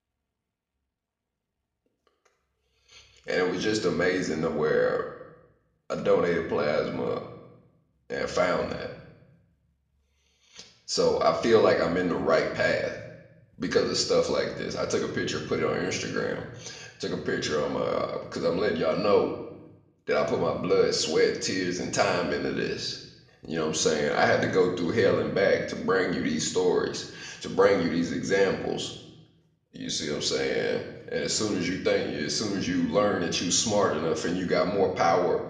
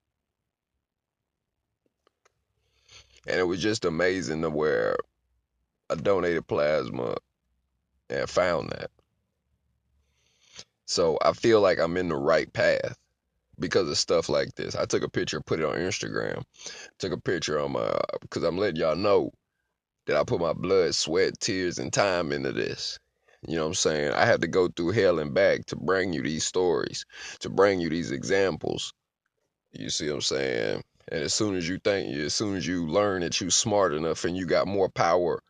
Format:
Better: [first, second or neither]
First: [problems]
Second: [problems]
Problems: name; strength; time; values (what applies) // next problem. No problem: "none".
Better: second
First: room echo; slight; dies away in 0.8 s // off-mic speech; somewhat distant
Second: none